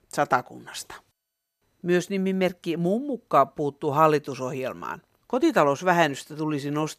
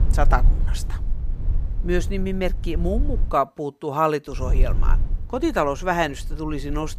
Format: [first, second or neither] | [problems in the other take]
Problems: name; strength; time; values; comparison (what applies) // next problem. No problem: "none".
first | low rumble; faint; until 3.5 s and from 4.5 s on; 20 dB below the speech